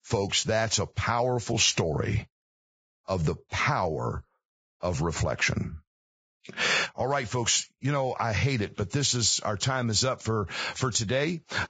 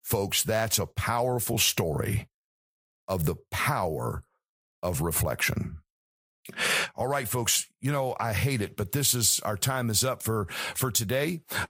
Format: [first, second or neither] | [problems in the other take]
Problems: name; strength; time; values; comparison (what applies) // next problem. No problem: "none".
second | garbled, watery; badly; nothing above 7.5 kHz; slightly in the second